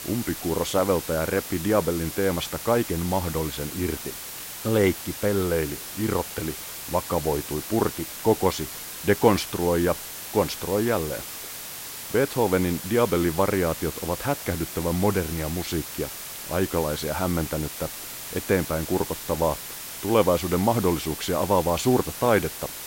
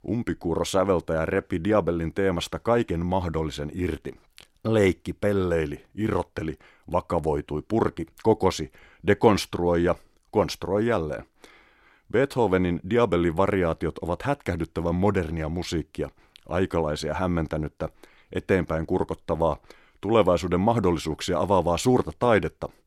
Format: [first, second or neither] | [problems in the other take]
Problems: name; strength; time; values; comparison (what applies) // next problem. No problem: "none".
second | hiss; loud; throughout; 8 dB below the speech